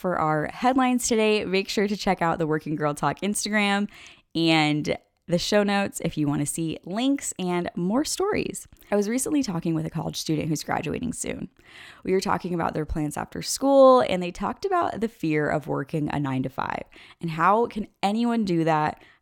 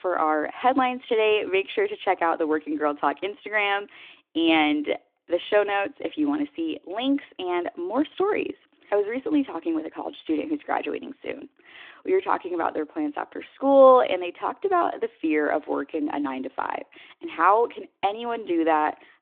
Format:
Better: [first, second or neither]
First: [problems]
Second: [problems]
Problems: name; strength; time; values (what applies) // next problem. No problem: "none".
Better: first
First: none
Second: phone-call audio; nothing above 3.5 kHz